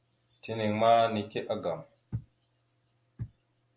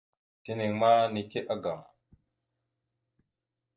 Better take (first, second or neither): first